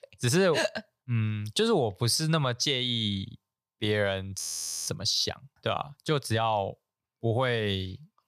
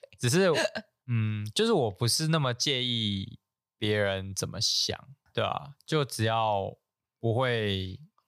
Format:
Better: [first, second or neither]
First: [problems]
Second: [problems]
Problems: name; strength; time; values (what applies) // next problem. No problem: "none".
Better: second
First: audio freezing; at 4.5 s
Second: none